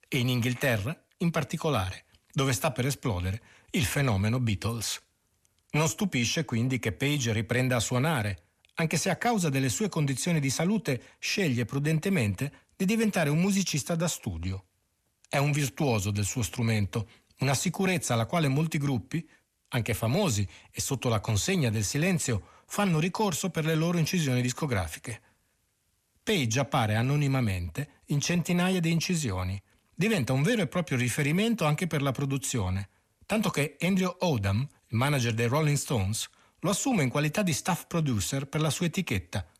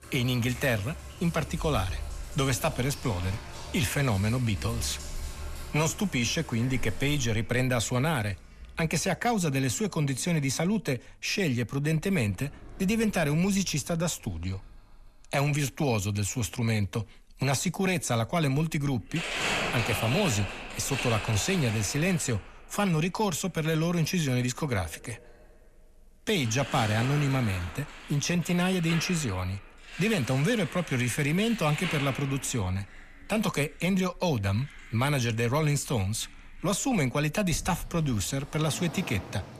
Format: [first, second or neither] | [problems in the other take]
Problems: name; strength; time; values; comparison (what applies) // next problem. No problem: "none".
first | household noises; loud; throughout; 9 dB below the speech